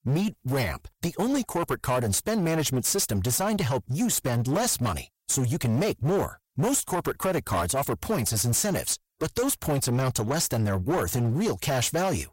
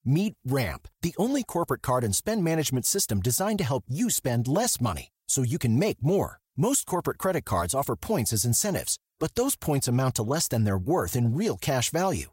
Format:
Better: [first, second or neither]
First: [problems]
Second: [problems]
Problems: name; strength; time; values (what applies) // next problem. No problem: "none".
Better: second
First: distortion; slight; 17% of the sound clipped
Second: none